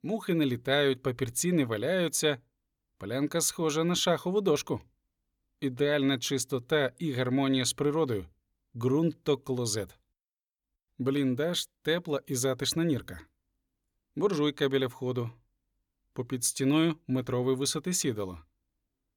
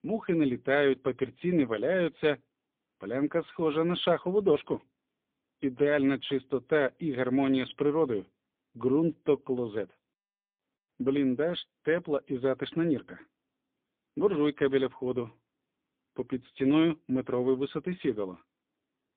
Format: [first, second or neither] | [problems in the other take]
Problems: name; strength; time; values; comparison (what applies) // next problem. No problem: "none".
first | phone-call audio; poor line